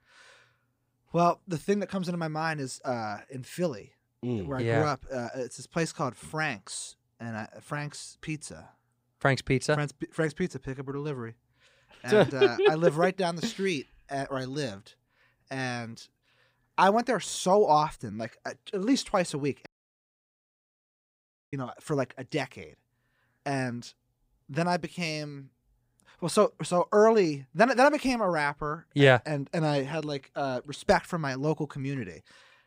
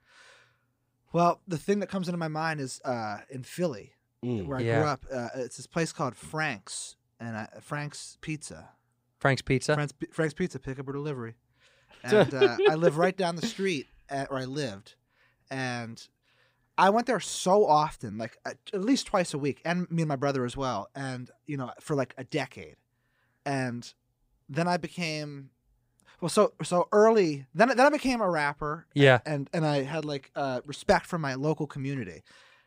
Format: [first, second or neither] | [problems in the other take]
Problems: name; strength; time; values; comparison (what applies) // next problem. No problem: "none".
second | audio cutting out; at 20 s for 2 s